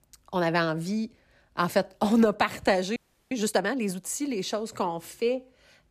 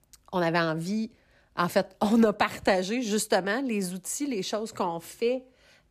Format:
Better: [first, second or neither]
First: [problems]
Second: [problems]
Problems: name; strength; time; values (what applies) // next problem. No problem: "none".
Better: second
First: audio freezing; at 3 s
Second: none